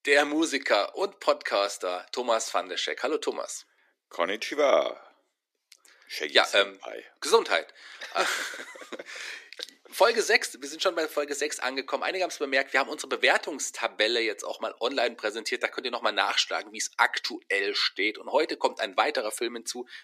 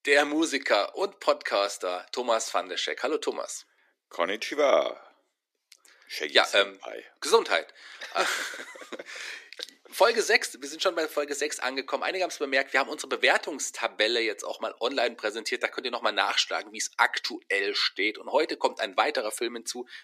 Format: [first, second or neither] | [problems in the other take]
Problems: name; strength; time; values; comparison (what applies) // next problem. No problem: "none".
neither | thin; very; fading below 350 Hz; the same in both